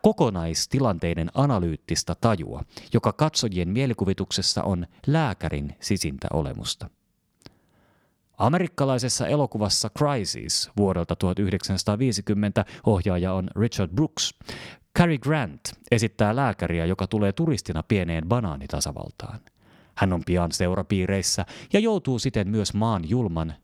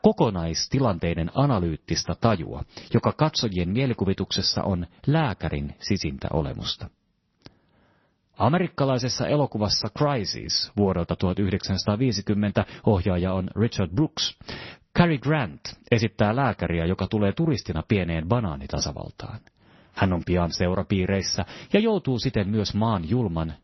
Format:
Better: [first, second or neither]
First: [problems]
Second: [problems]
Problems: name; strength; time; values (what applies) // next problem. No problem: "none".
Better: first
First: none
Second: garbled, watery; slightly; nothing above 6 kHz